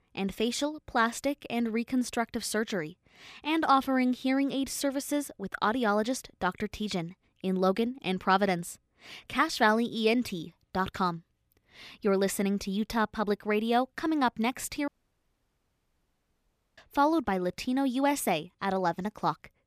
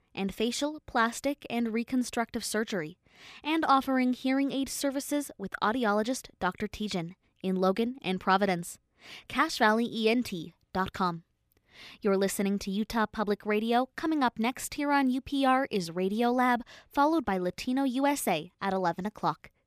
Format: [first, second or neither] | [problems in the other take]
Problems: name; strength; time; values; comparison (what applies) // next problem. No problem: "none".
second | audio cutting out; at 15 s for 2 s